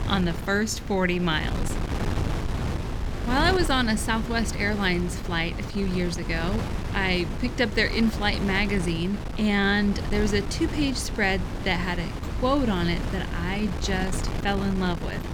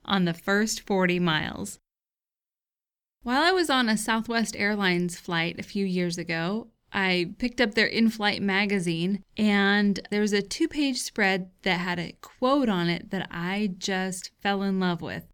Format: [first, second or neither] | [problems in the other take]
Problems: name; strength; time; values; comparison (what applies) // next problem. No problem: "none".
second | wind noise on the microphone; heavy; 10 dB below the speech